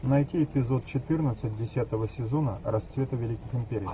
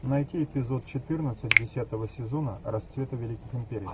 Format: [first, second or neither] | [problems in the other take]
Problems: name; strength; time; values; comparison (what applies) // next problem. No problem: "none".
first | background sound (Finger snapping); as loud as the speech